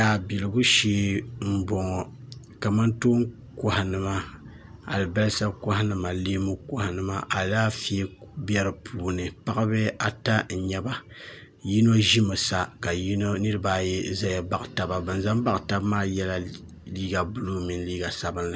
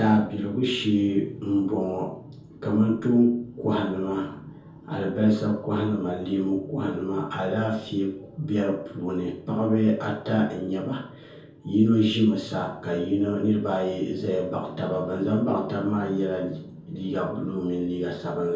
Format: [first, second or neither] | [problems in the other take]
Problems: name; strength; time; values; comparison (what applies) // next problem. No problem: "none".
first | room echo; dies away in 0.6 s